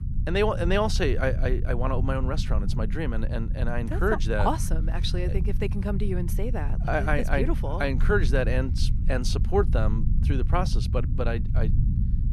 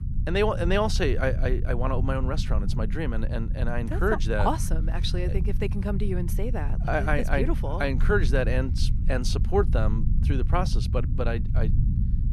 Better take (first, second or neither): neither